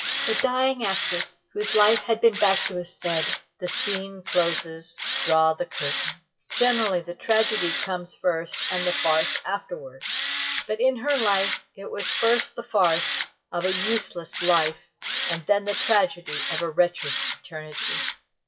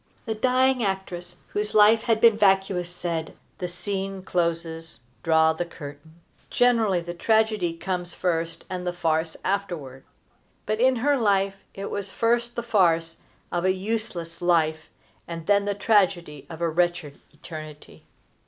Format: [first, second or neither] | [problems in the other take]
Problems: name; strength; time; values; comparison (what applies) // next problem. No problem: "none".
second | noise reduction (classical method WPE with log-MMSE)